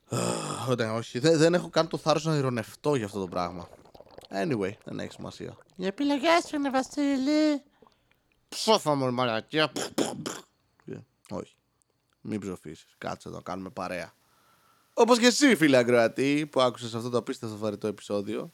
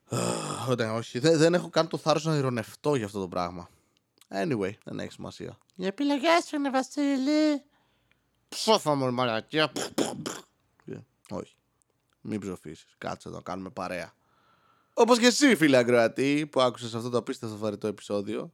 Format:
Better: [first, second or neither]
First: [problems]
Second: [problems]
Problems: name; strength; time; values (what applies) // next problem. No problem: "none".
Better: second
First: rain or running water; faint; throughout; 30 dB below the speech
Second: none